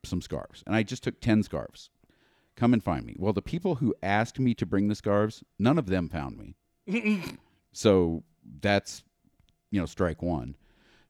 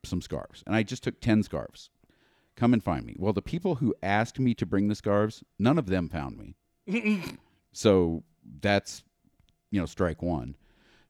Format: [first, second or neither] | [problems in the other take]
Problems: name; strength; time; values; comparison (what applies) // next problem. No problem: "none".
neither | none